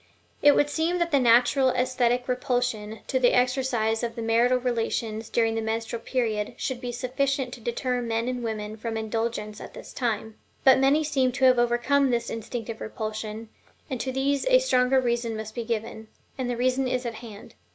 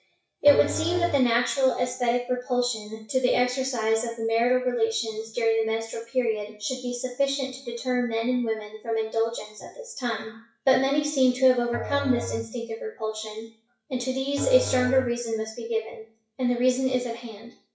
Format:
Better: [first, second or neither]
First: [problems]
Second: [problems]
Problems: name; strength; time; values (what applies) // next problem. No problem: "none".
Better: first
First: none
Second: noise reduction (classical method WPE with log-MMSE)